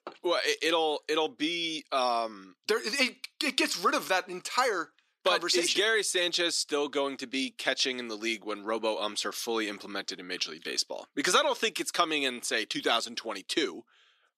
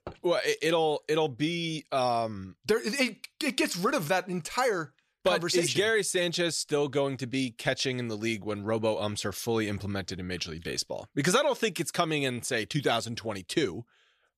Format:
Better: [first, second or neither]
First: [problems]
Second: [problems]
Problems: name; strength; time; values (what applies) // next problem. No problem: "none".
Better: second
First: thin; very slightly; fading below 250 Hz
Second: none